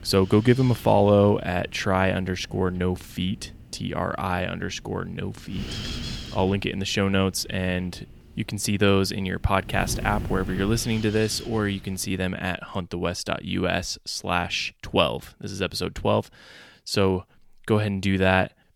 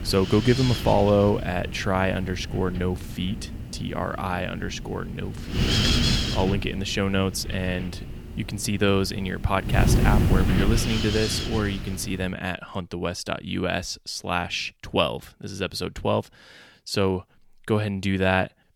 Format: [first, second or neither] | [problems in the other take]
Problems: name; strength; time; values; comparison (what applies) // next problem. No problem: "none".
first | wind noise on the microphone; heavy; until 12 s; 2 dB below the speech; occasional gusts in the first